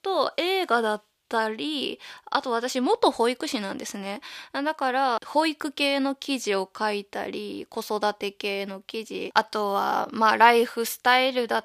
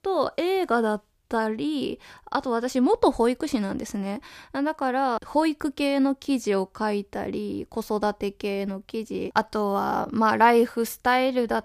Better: second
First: thin; very slightly; fading below 550 Hz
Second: none

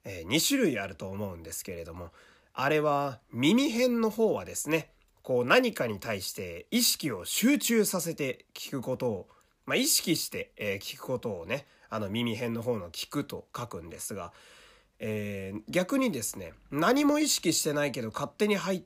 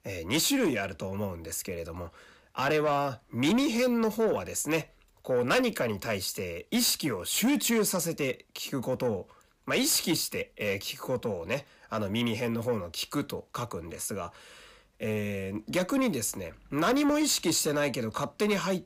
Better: first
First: none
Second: distortion; slight; 10 dB below the speech

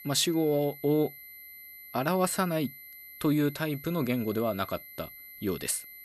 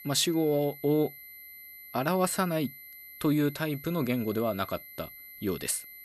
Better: neither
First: high-pitched whine; noticeable; throughout; 2 kHz, 15 dB below the speech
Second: high-pitched whine; noticeable; throughout; 2 kHz, 15 dB below the speech

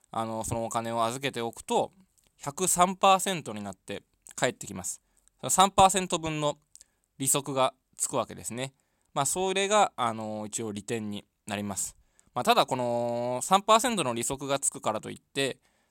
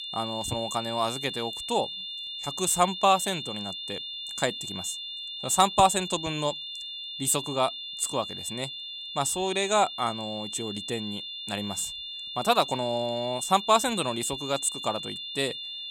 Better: first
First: none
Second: high-pitched whine; loud; throughout; 3.5 kHz, 7 dB below the speech

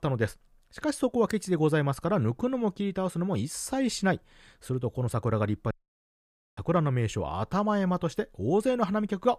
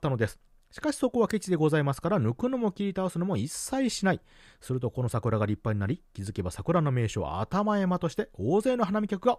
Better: second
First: audio cutting out; at 5.5 s for 1 s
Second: none

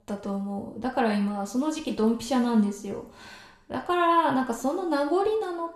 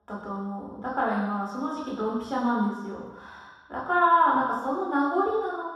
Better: first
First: room echo; slight; dies away in 0.7 s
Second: room echo; strong; dies away in 1.2 s // off-mic speech; far

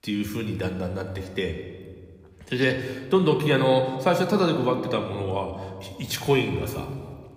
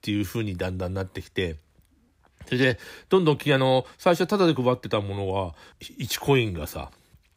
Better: second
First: room echo; slight; dies away in 1.3 s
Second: none

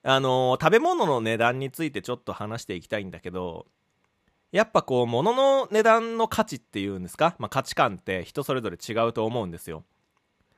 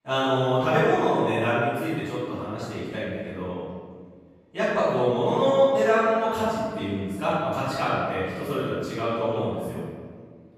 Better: first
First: none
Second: off-mic speech; far // room echo; strong; dies away in 1.7 s

